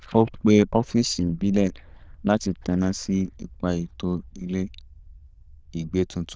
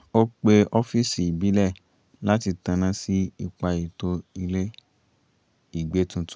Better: second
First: noise reduction (neural diffusion model UNIVERSE++)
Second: none

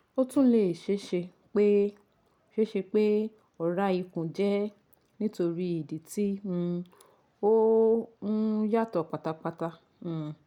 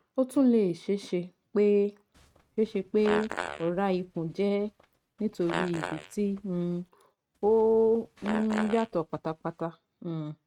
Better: first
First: none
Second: noise reduction (neural mask model RNNoise)

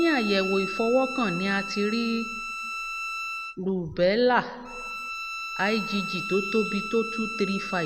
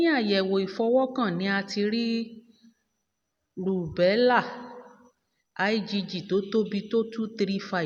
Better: second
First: background sound (Bowed string instrument); 7 dB below the speech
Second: none

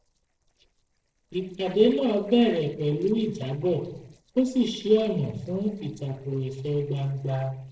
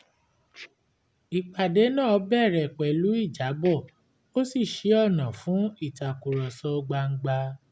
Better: second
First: noise reduction (neural separator model SepFormer DNS4)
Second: none

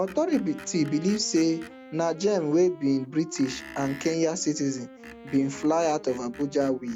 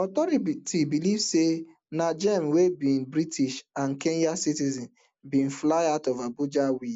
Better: second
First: background sound (Wind instrument, woodwind instrument + Screech); 18 dB below the speech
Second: none

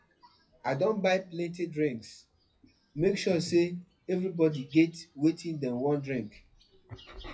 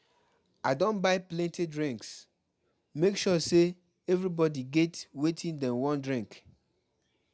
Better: second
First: noise reduction (classical method WPE with log-MMSE)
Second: none

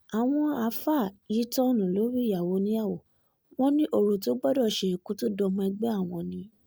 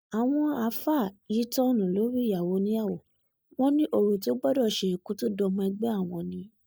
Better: first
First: none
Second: noise reduction (neural mask model DeepFilterNet 3)

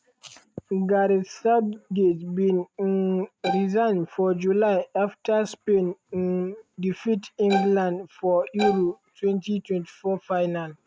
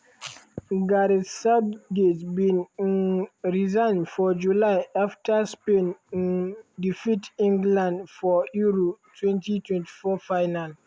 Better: second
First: noise reduction (neural mask model RNNoise)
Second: none

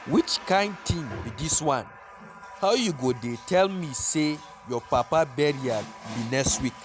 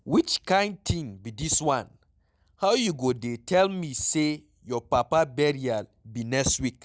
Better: second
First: background sound (Water tap, faucet); 16 dB below the speech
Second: none

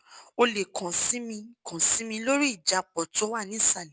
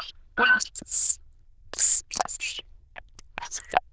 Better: first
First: none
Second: noise reduction (neural diffusion model UNIVERSE++)

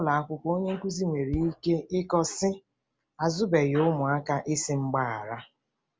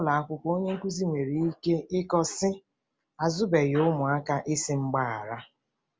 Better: second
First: background sound (Bass drum); 17 dB below the speech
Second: none

